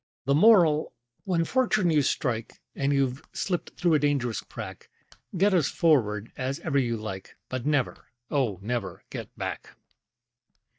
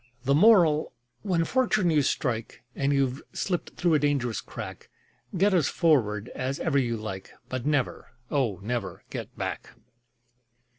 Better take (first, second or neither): second